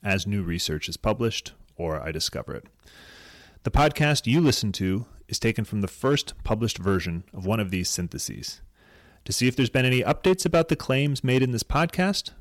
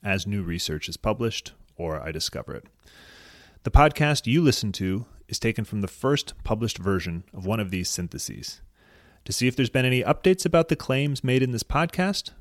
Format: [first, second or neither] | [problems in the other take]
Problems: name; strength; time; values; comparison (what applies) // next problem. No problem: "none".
second | distortion; slight; 2% of the sound clipped